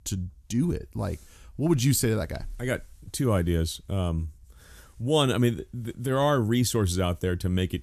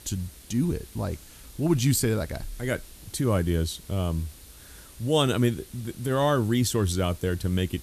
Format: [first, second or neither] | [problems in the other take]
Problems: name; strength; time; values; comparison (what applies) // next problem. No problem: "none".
first | hiss; faint; throughout; 20 dB below the speech